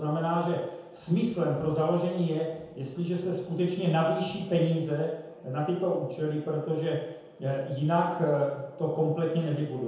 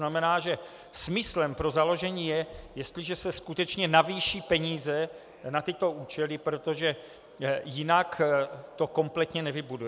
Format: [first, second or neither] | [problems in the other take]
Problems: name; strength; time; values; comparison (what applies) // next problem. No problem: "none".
second | room echo; dies away in 0.9 s